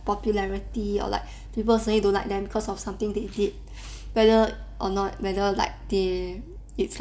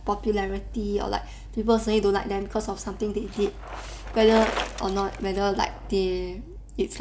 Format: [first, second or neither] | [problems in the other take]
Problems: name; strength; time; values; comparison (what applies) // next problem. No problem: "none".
first | background sound (Bicycle); 14 dB below the speech